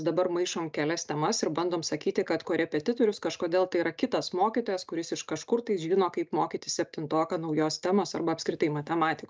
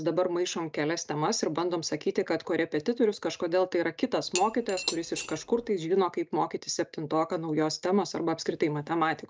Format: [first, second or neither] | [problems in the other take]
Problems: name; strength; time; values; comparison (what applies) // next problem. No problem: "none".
first | background sound (Cutlery, silverware / Dishes, pots, and pans); 9 dB below the speech